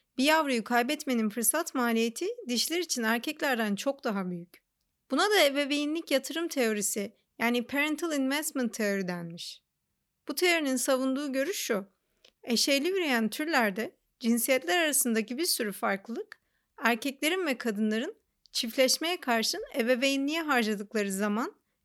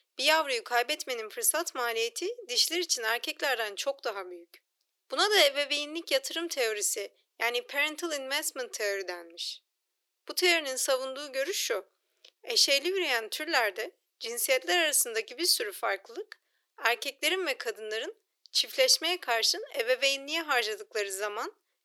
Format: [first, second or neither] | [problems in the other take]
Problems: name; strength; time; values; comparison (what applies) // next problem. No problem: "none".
first | thin; very; fading below 350 Hz